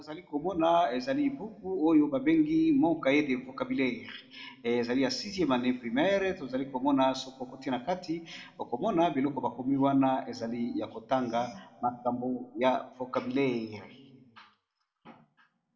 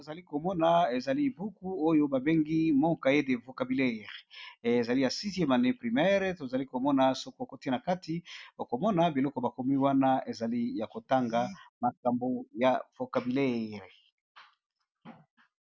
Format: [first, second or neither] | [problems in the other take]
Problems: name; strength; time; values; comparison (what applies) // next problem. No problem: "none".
second | room echo; dies away in 1.8 s